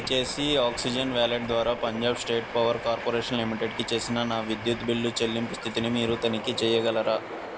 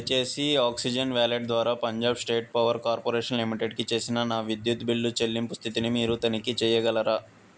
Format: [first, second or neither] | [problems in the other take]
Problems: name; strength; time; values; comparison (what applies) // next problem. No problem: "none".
second | background sound (Train); 10 dB below the speech